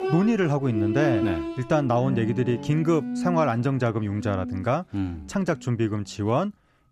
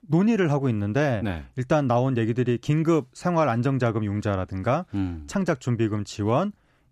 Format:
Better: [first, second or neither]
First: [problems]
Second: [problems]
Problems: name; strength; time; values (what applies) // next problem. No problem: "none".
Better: second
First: background music; loud; throughout; 5 dB below the speech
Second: none